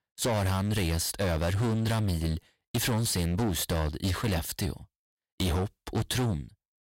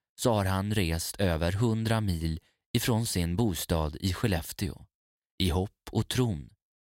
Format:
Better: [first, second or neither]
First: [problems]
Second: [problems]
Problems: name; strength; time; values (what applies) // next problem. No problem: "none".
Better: second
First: distortion; heavy; 20% of the sound clipped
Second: none